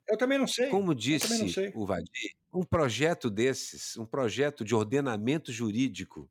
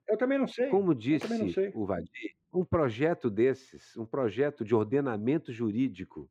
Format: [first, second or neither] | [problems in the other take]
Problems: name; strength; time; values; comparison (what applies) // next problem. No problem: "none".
first | muffled; very; fading above 3.5 kHz